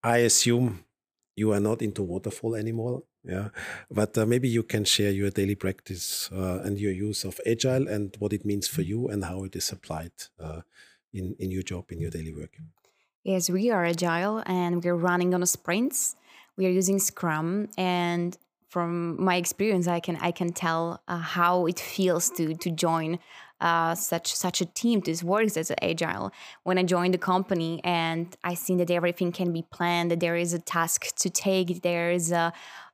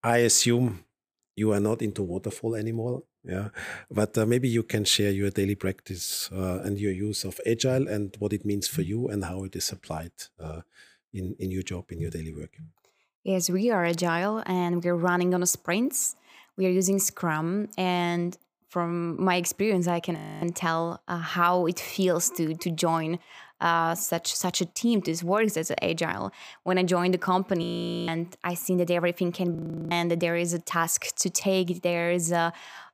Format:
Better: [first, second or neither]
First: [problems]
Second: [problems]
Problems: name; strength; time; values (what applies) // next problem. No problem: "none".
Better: first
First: none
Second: audio freezing; at 20 s, at 28 s and at 30 s